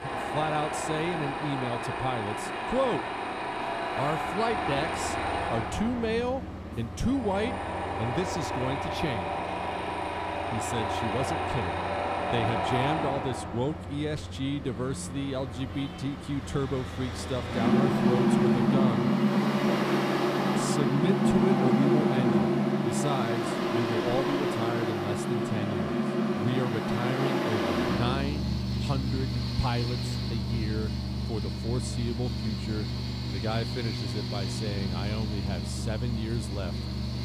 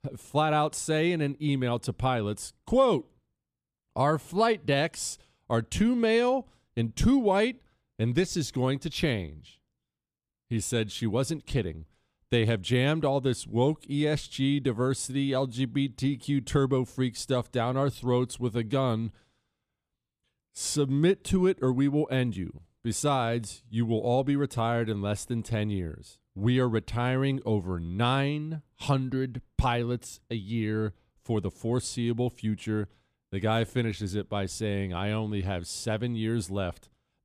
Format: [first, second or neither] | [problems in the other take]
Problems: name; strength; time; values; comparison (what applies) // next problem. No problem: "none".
second | machinery noise; very loud; throughout; 4 dB above the speech